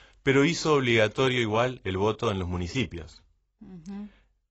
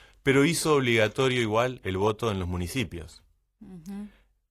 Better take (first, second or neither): second